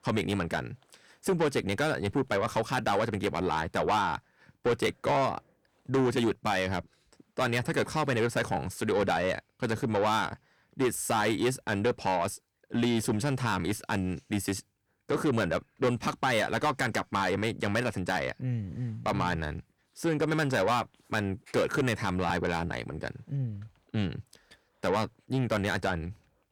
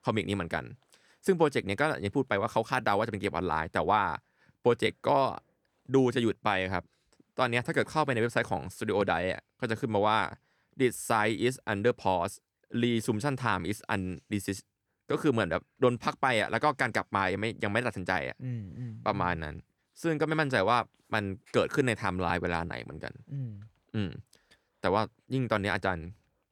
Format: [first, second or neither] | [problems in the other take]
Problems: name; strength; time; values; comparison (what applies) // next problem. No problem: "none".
second | distortion; heavy; 7 dB below the speech